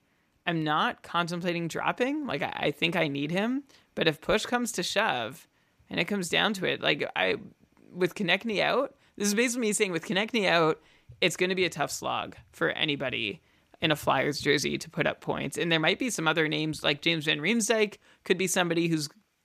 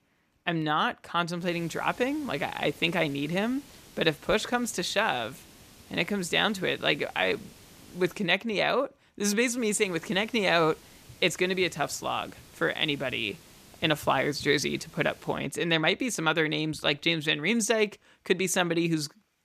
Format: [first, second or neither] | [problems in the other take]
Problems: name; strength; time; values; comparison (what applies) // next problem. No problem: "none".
first | hiss; faint; from 1.5 to 8 s and from 9.5 to 15 s; 25 dB below the speech